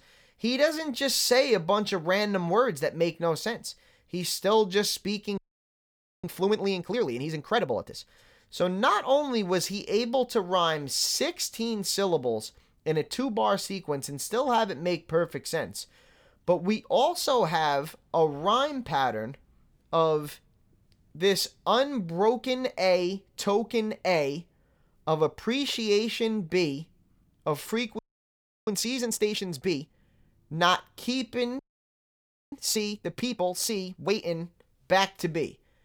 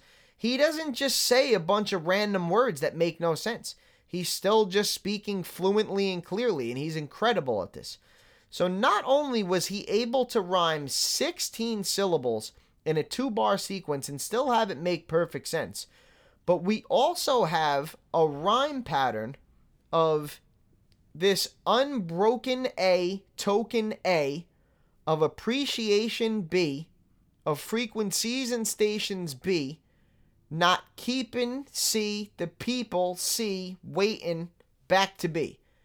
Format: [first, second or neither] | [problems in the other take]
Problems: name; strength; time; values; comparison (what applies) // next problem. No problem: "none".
second | audio freezing; at 5.5 s for 1 s, at 28 s for 0.5 s and at 32 s for 1 s